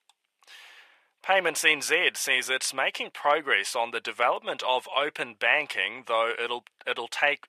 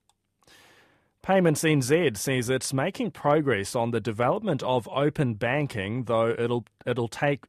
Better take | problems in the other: second | thin; very; fading below 800 Hz

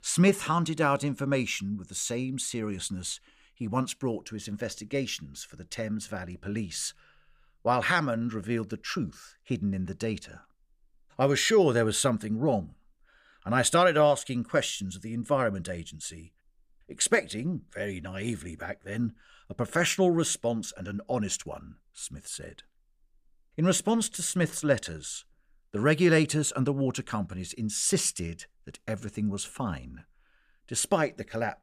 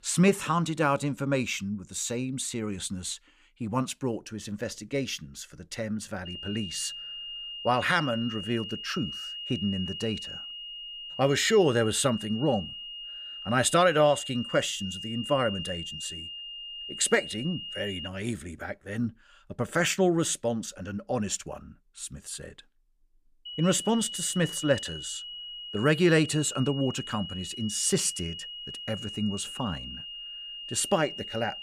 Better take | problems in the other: first | high-pitched whine; loud; from 6.5 to 18 s and from 23 s on; 3 kHz, 9 dB below the speech

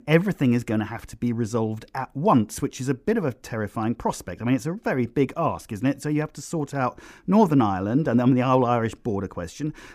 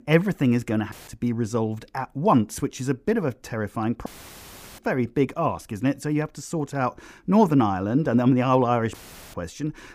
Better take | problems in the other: first | audio cutting out; filled with static; at 1 s, at 4 s for 0.5 s and at 9 s

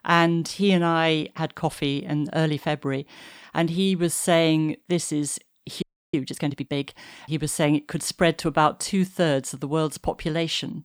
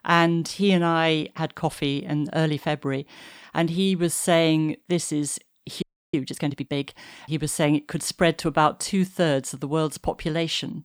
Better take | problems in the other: neither | audio freezing; at 6 s; the same in both

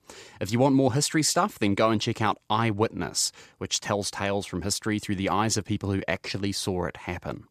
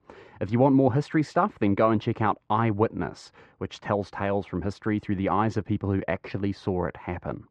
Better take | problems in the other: first | muffled; very; fading above 1.5 kHz

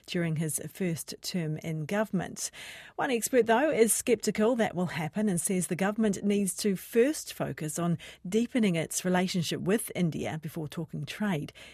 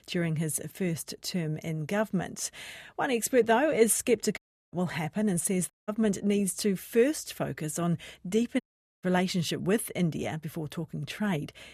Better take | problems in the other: first | audio cutting out; at 4.5 s, at 5.5 s and at 8.5 s

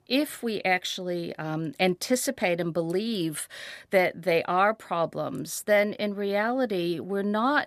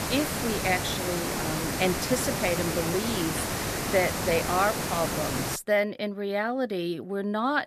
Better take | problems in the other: first | hiss; loud; until 5.5 s; 1 dB below the speech

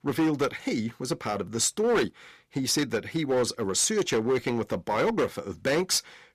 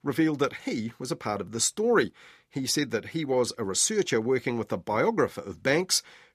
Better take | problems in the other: second | distortion; slight; 9% of the sound clipped

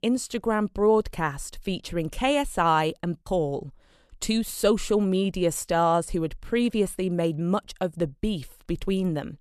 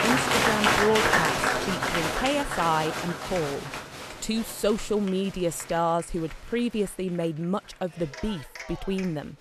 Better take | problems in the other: first | crowd noise; very loud; throughout; 3 dB above the speech

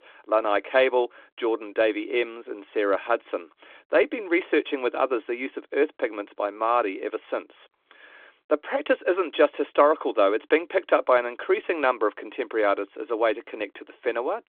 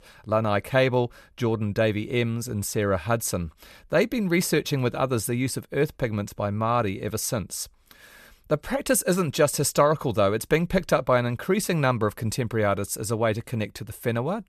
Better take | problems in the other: second | phone-call audio; nothing above 3.5 kHz

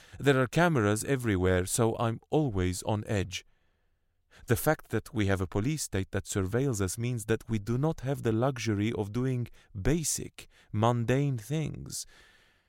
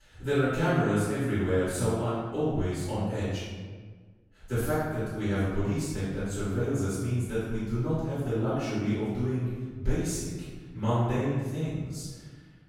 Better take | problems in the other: first | off-mic speech; far // room echo; strong; dies away in 1.3 s

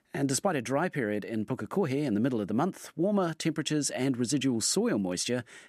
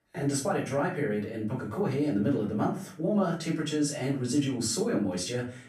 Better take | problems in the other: first | off-mic speech; far // room echo; slight; dies away in 0.4 s

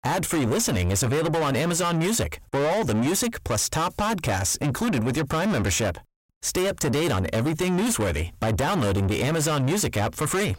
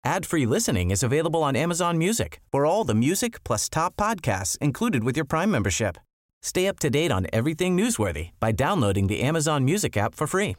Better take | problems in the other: second | distortion; heavy; 7 dB below the speech

